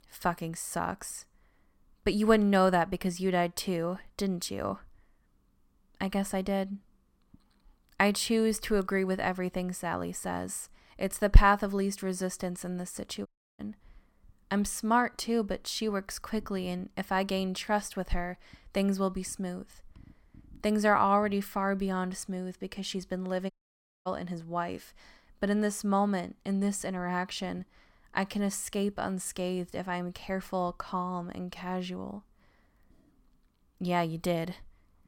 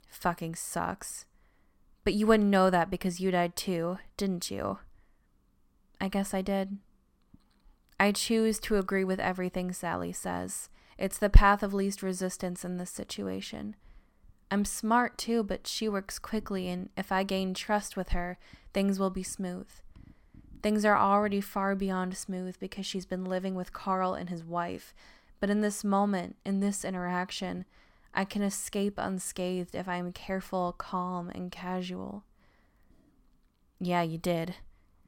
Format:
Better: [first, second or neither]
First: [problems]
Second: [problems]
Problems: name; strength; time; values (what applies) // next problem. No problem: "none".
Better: second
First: audio cutting out; at 13 s and at 24 s for 0.5 s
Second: none